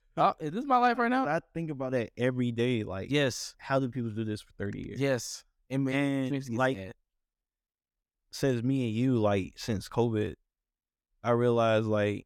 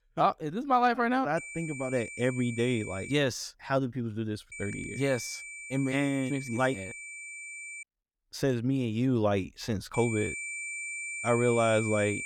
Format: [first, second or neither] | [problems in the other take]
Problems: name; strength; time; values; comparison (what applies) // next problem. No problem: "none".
first | high-pitched whine; loud; from 1.5 to 3 s, from 4.5 to 8 s and from 10 s on; 2.5 kHz, 8 dB below the speech